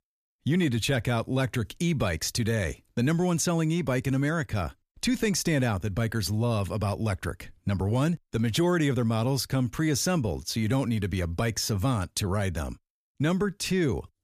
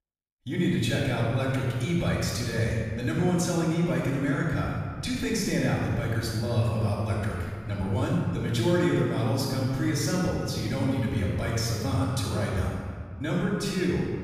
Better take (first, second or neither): first